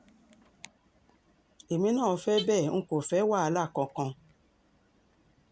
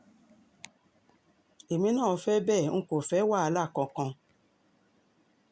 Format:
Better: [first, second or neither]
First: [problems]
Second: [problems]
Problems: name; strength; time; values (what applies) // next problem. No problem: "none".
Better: second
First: background sound (Alarm / Car); 19 dB below the speech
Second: none